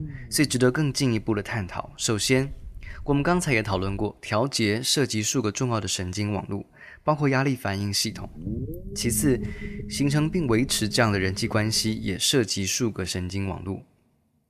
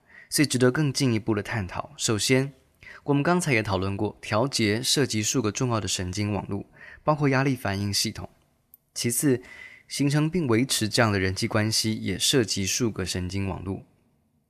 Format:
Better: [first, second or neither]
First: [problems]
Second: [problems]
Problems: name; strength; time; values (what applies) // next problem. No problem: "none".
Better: second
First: low rumble; noticeable; until 4 s and from 8 to 12 s; 20 dB below the speech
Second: none